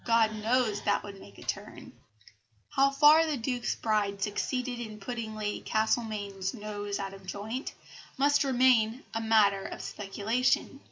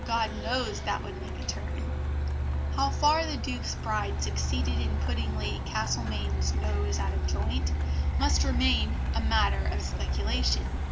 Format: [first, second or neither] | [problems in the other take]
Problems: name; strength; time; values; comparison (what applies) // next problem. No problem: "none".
first | background sound (Truck); 4 dB above the speech